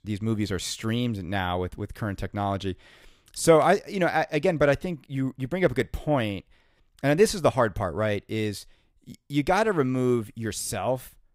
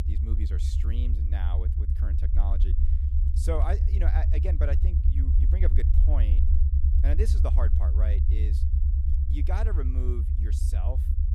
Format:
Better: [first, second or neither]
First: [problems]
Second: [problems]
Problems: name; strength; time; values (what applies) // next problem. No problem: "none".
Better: first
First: none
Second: low rumble; loud; throughout; 3 dB below the speech